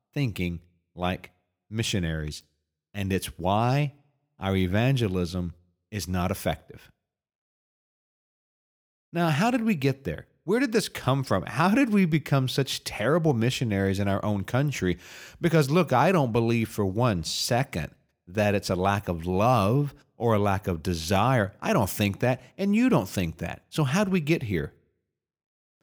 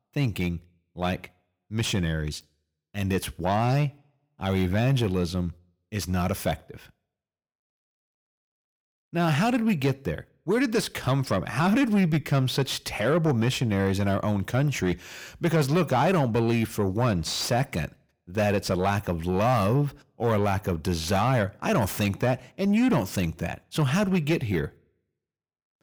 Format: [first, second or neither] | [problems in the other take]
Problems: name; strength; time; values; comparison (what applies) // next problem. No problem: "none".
first | distortion; slight; 10 dB below the speech